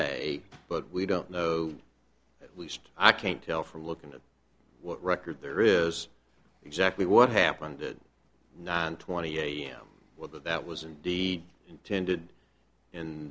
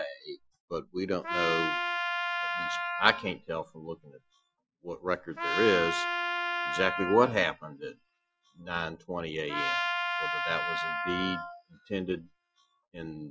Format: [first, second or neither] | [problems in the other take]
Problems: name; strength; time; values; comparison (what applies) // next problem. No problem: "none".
first | noise reduction (classical method Wiener filter)